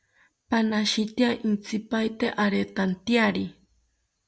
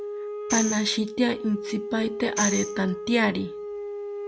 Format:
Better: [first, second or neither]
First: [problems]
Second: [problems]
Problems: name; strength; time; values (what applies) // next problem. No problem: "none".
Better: first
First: none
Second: background sound (Wind instrument, woodwind instrument + Tambourine); 6 dB below the speech